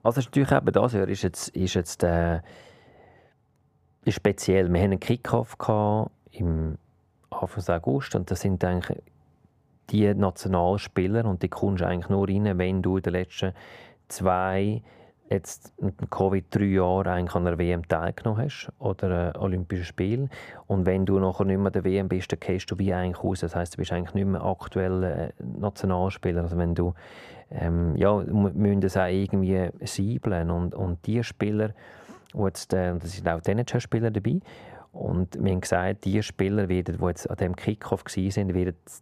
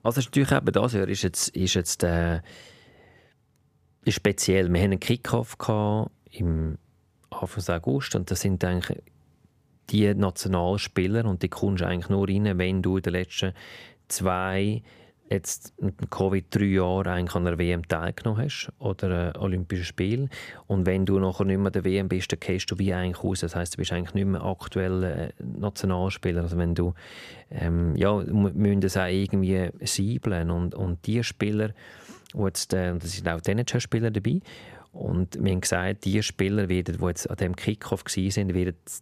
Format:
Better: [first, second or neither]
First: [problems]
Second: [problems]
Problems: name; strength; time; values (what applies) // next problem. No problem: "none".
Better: second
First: muffled; slightly; fading above 2 kHz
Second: none